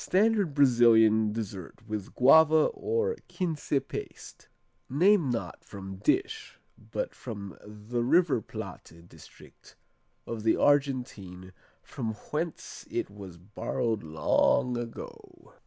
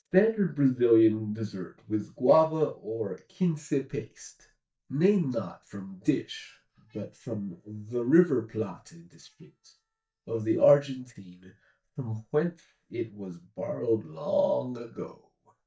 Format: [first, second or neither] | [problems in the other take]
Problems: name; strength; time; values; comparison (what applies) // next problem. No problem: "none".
first | noise reduction (neural mask model DeepFilterNet 3)